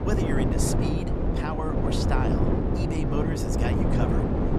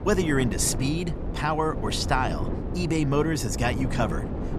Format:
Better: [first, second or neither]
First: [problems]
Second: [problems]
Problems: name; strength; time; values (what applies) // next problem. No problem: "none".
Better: second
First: wind noise on the microphone; heavy; 3 dB above the speech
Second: wind noise on the microphone; occasional gusts; 10 dB below the speech